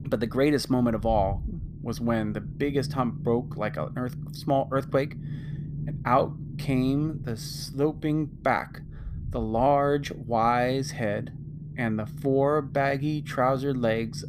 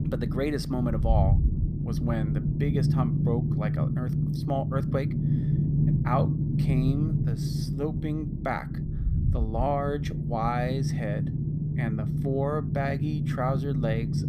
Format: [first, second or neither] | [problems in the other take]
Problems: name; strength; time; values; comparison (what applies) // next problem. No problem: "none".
first | low rumble; loud; throughout; 5 dB below the speech; faint in the first